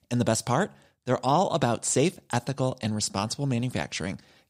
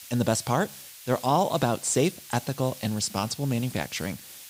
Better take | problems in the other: first | hiss; noticeable; throughout; 15 dB below the speech

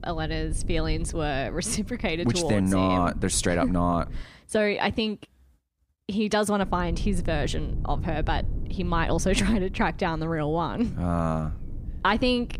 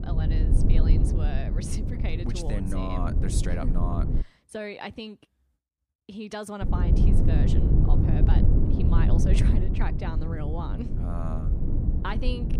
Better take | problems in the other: first | low rumble; loud; until 4 s and from 6.5 s on; 1 dB below the speech; faint in the first

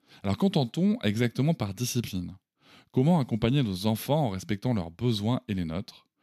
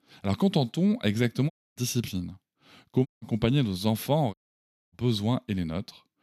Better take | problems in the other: first | audio cutting out; at 1.5 s, at 3 s and at 4.5 s for 0.5 s

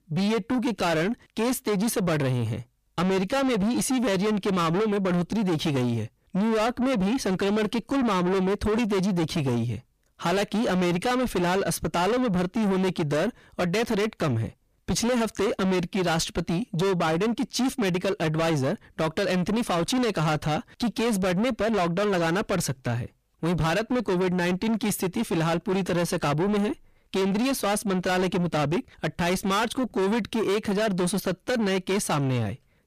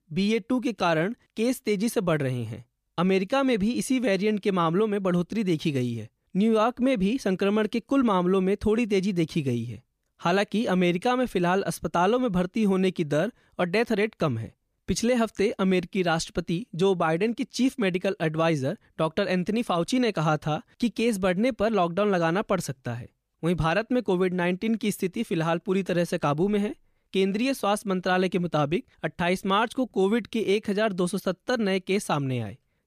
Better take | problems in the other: second | distortion; heavy; 7 dB below the speech

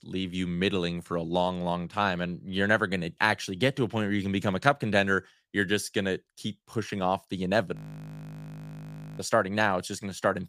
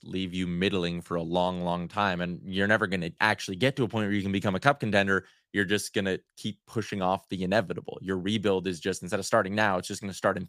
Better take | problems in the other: second | audio freezing; at 8 s for 1.5 s

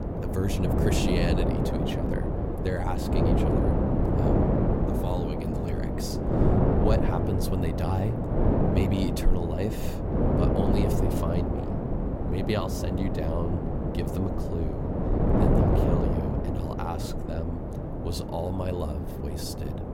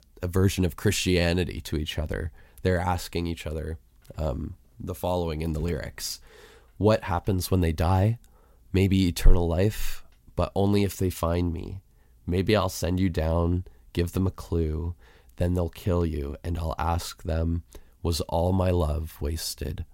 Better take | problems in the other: second | wind noise on the microphone; heavy; 4 dB above the speech

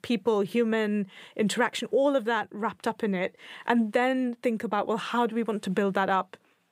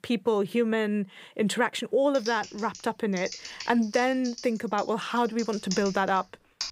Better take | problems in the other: first | keyboard typing; noticeable; from 2 s on; peak 8 dB below the speech

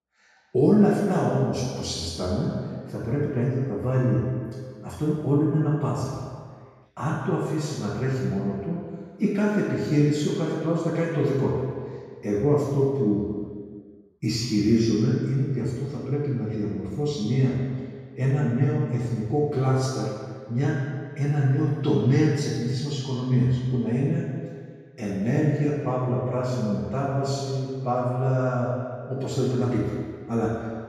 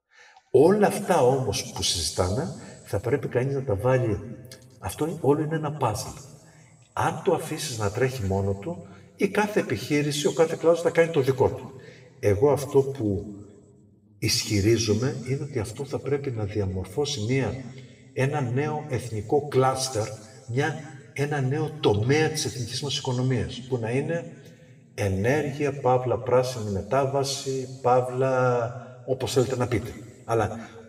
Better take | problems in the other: second | room echo; strong; dies away in 2 s; slight in the second // off-mic speech; far

